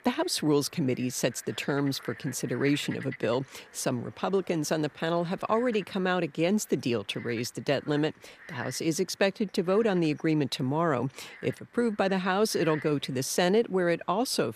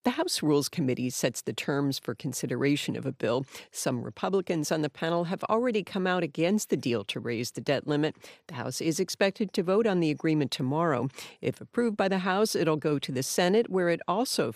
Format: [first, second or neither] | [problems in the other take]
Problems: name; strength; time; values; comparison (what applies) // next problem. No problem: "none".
second | animal sounds; noticeable; throughout; 20 dB below the speech